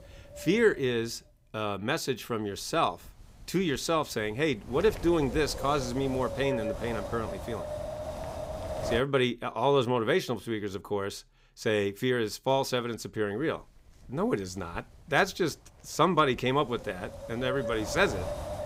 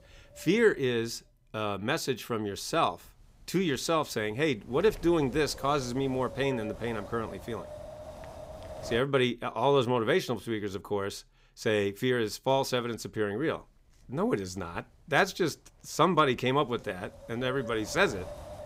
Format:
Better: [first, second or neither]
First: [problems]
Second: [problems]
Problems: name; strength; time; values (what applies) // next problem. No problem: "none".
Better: second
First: wind noise on the microphone; heavy; until 9 s and from 13 s on; 8 dB below the speech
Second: wind noise on the microphone; occasional gusts; until 9 s and from 13 s on; 15 dB below the speech